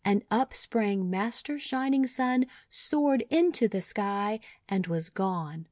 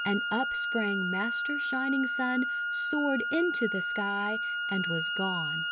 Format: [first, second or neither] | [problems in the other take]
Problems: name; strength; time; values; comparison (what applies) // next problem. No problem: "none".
first | background sound (Wind instrument, woodwind instrument); 1 dB above the speech